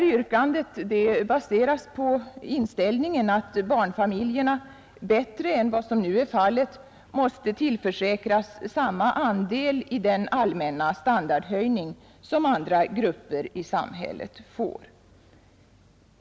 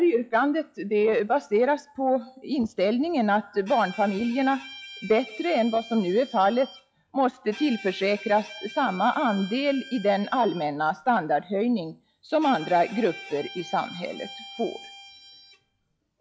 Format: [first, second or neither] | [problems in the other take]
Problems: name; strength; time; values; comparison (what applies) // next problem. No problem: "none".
first | noise reduction (classical method log-MMSE)